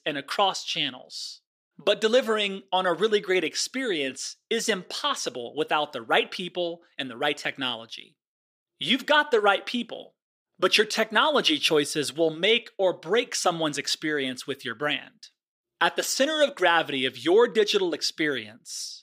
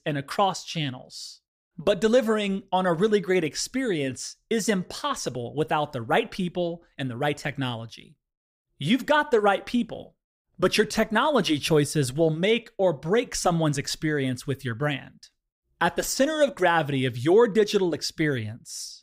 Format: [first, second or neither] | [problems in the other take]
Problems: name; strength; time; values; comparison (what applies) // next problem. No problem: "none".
second | thin; very slightly; fading below 350 Hz